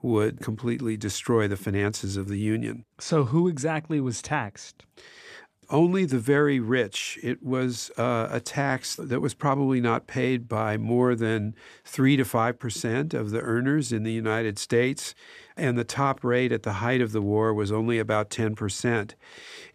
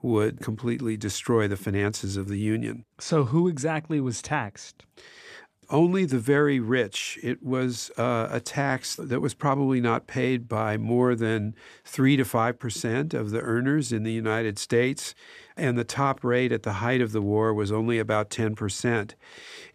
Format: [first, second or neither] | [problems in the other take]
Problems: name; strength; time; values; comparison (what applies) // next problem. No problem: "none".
neither | none